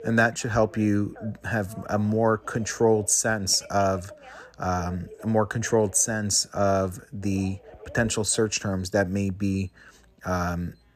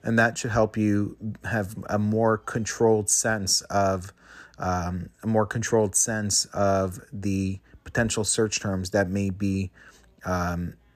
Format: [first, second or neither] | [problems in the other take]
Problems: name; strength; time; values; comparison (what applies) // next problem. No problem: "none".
second | alarms or sirens; faint; throughout; 25 dB below the speech